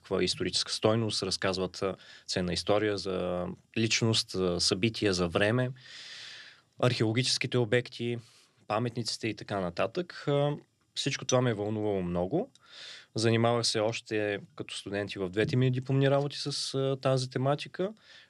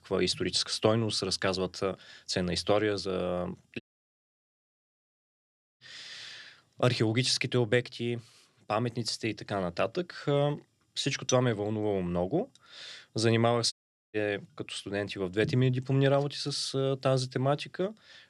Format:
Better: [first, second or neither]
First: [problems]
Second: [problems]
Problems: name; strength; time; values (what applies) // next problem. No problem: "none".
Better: first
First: none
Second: audio cutting out; at 4 s for 2 s and at 14 s